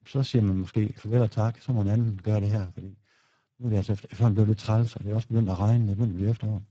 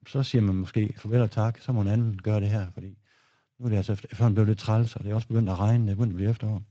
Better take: second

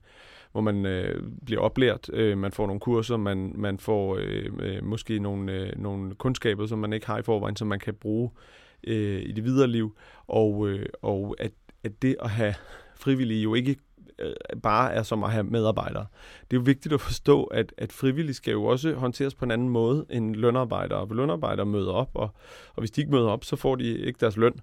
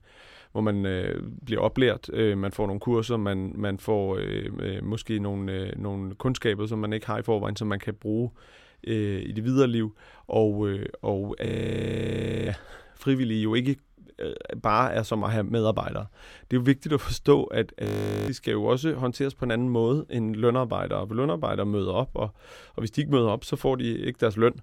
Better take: first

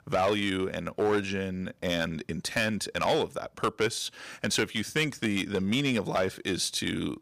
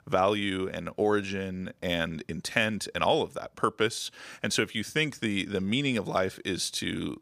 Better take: second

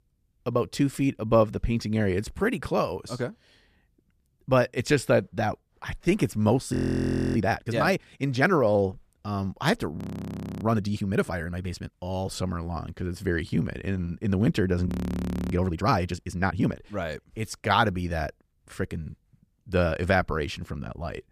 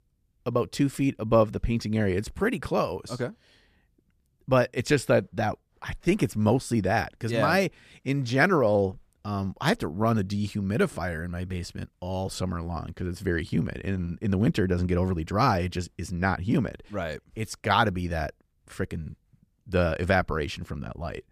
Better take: second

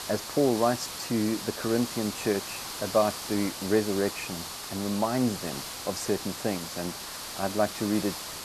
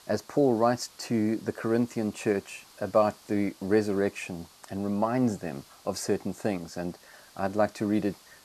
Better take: second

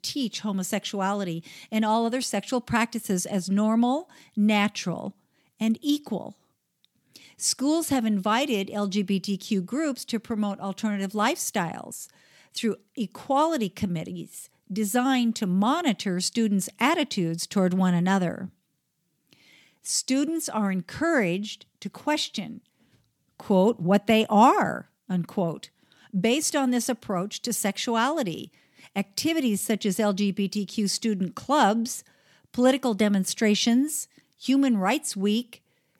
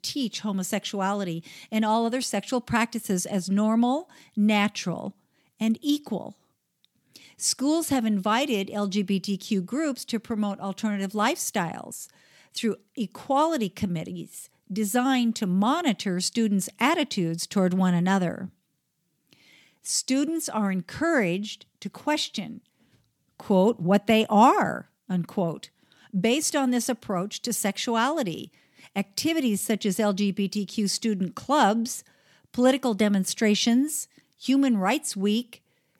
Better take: neither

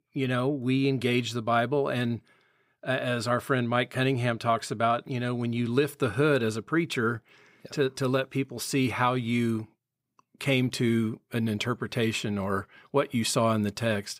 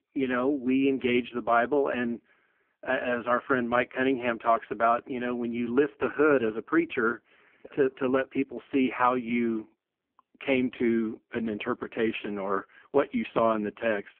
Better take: first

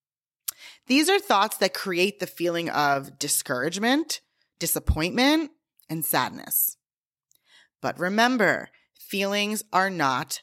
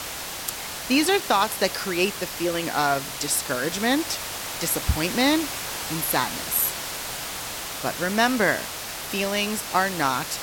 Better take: first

